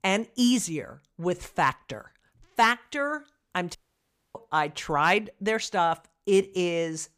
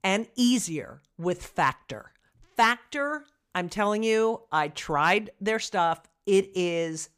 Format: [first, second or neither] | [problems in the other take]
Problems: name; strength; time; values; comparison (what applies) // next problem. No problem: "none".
second | audio cutting out; at 4 s for 0.5 s